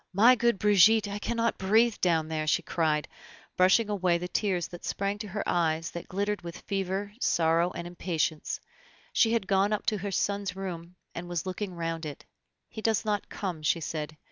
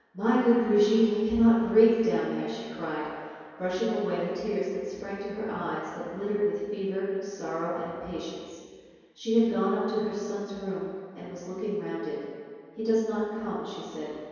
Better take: first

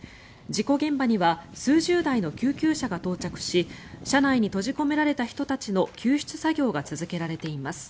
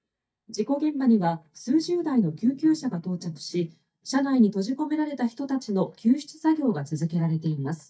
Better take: first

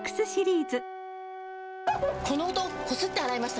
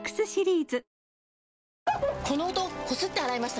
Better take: second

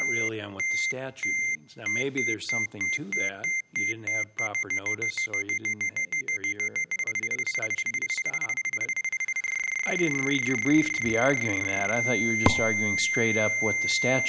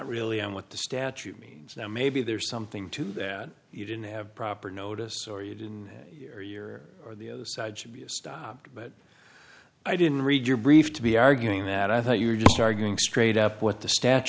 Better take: second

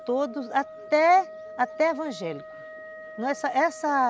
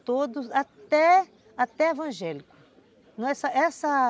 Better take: second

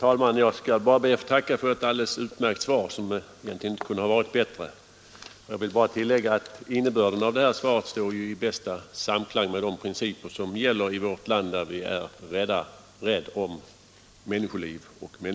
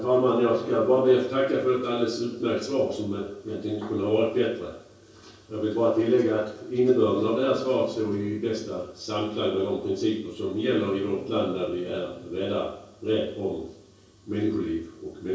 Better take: first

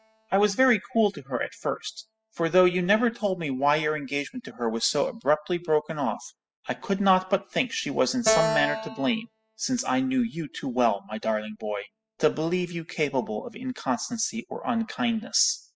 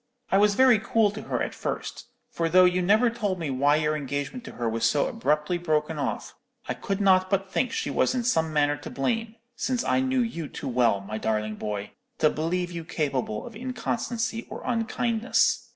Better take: second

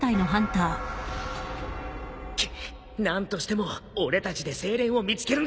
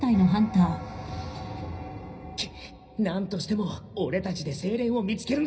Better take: first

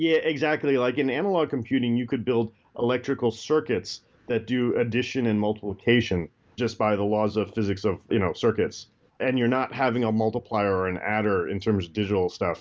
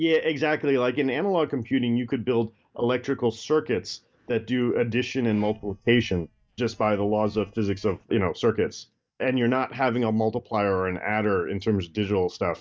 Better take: first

